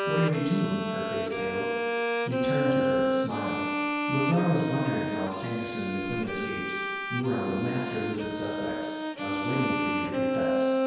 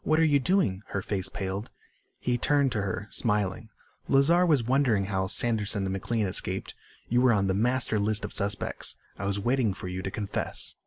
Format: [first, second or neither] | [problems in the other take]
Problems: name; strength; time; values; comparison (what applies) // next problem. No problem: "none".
second | background sound (Bowed string instrument); 1 dB above the speech // room echo; dies away in 1.2 s